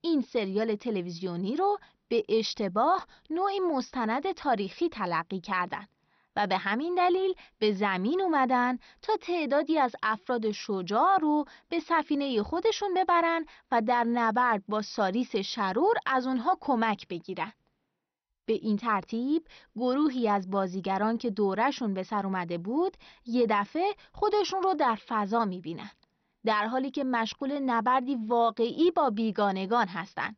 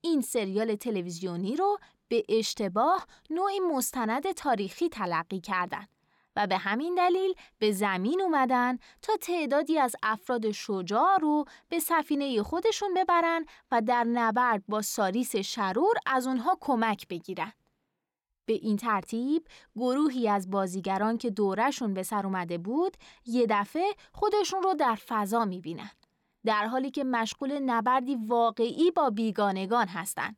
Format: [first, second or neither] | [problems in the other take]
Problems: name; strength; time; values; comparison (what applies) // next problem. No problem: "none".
second | garbled, watery; slightly; nothing above 6 kHz